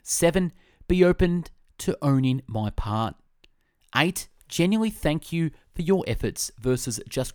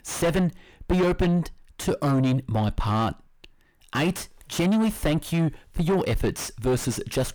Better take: first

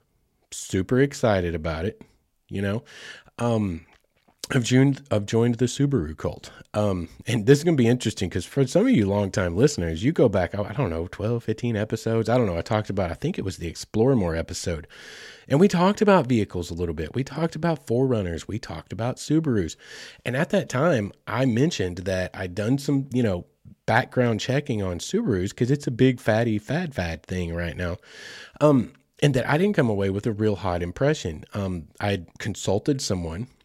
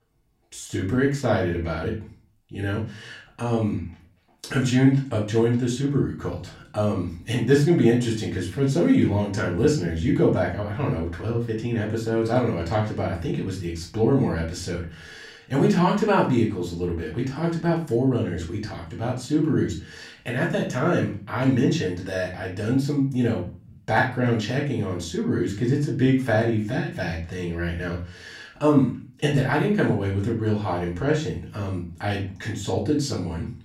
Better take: first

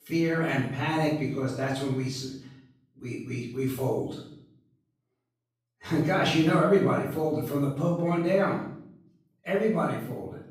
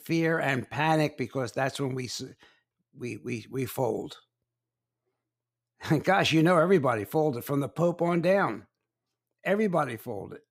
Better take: second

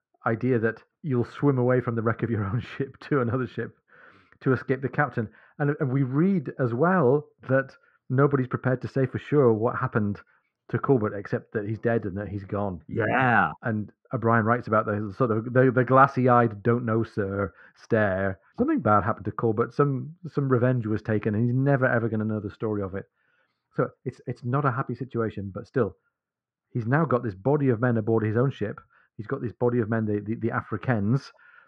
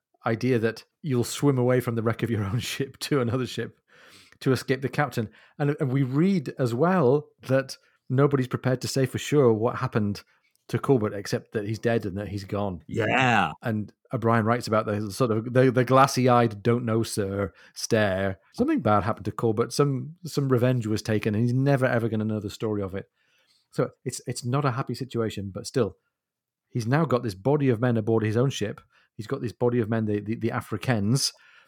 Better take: second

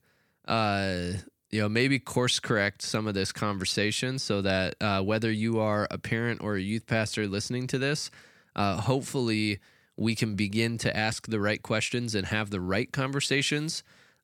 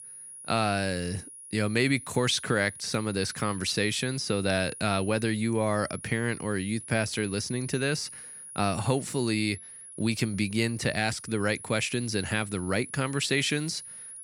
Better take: first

